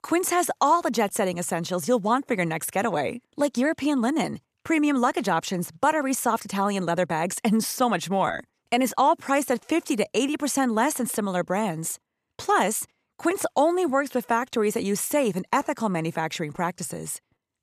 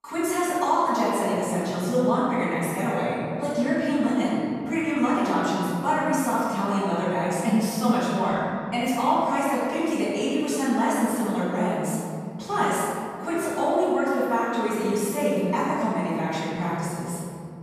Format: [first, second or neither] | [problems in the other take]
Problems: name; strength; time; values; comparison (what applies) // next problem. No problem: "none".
first | off-mic speech; far // room echo; strong; dies away in 3 s